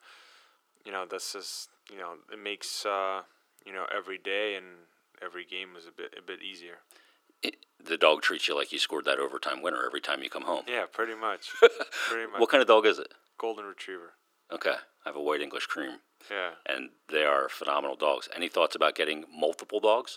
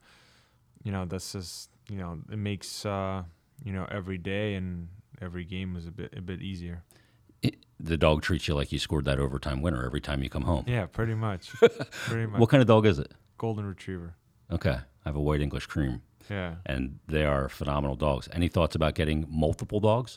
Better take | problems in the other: second | thin; very; fading below 350 Hz

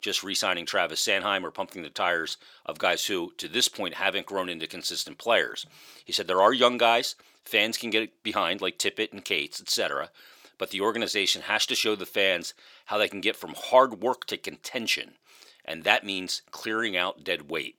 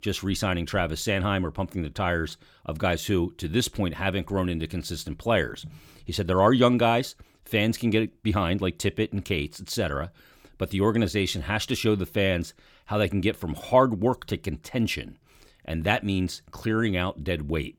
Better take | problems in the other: second | thin; somewhat; fading below 500 Hz

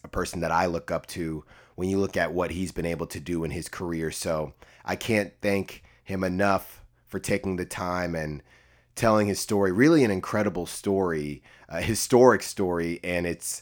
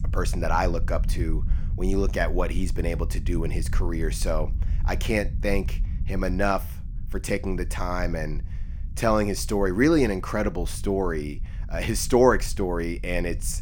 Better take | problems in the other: first | low rumble; faint; throughout; 20 dB below the speech

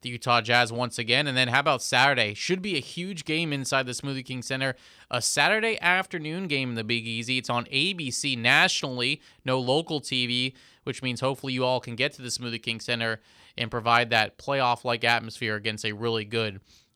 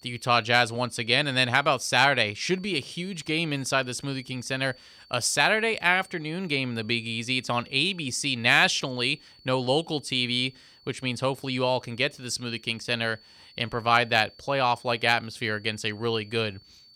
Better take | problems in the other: first | high-pitched whine; faint; throughout; 4.5 kHz, 25 dB below the speech

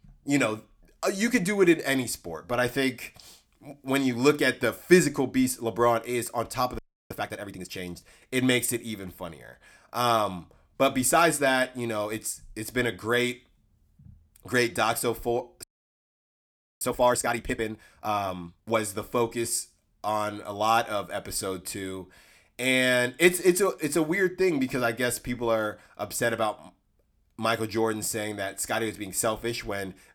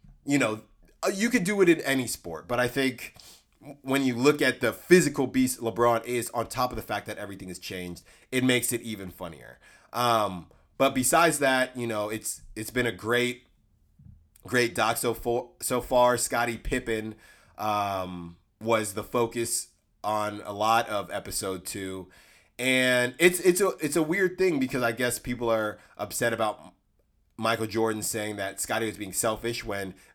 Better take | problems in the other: second | audio freezing; at 7 s and at 16 s for 1 s

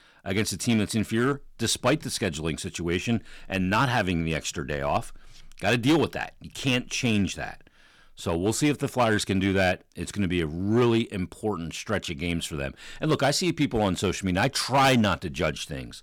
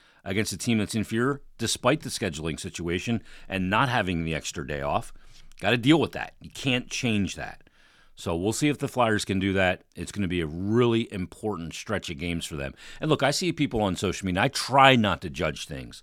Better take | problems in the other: second | distortion; slight; 3% of the sound clipped

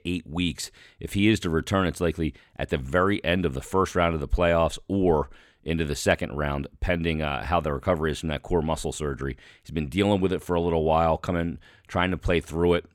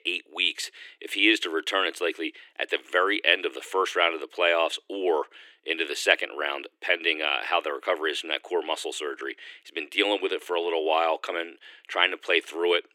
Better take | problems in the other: first | thin; very; fading below 300 Hz

